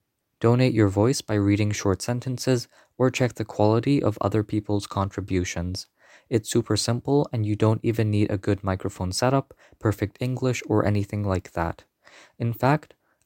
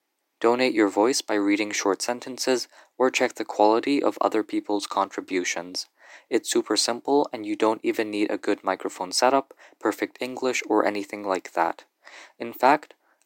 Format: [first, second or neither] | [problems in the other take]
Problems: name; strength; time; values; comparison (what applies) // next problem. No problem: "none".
first | thin; somewhat; fading below 300 Hz